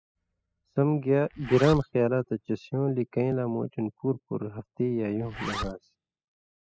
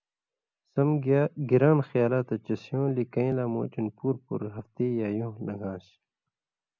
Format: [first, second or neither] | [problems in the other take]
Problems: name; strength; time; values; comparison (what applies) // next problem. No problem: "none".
second | noise reduction (classical method spectral subtraction)